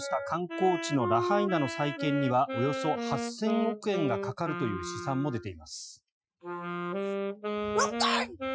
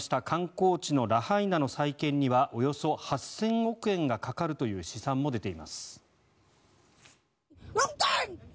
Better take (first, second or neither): second